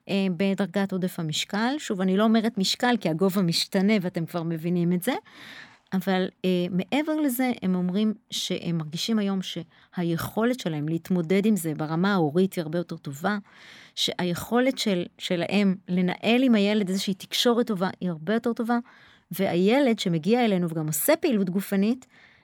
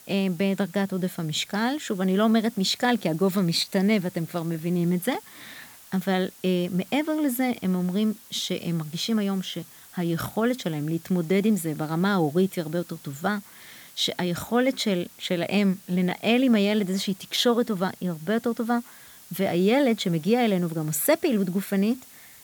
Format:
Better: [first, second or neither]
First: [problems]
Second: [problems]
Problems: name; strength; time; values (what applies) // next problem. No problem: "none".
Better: first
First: none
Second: hiss; faint; throughout; 20 dB below the speech